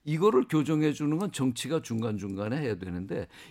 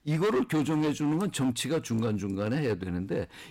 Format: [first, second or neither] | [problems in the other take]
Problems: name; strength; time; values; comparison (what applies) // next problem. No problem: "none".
first | distortion; heavy; 12% of the sound clipped